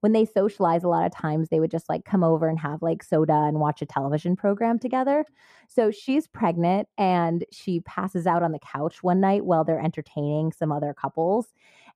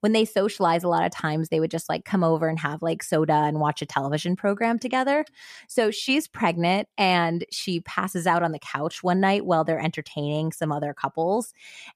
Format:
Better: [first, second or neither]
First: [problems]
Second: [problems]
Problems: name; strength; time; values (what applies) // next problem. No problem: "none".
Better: second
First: muffled; slightly; fading above 1.5 kHz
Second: none